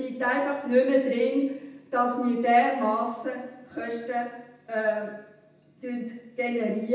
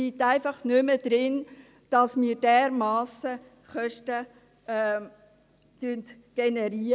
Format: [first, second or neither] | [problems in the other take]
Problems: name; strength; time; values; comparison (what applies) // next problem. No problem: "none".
second | room echo; dies away in 0.8 s